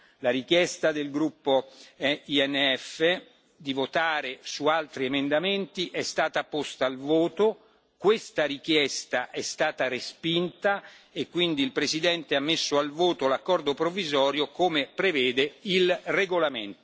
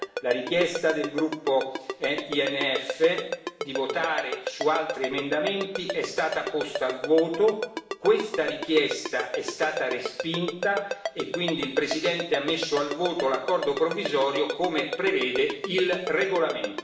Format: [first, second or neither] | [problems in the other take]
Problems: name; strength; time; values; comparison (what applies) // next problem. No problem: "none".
first | background sound (Ringtone); 7 dB below the speech // room echo; dies away in 0.8 s